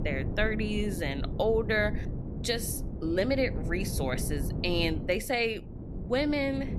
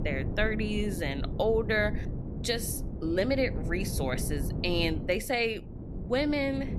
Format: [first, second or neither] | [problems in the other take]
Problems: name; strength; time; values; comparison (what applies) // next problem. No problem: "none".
neither | wind noise on the microphone; occasional gusts; 15 dB below the speech; the same in both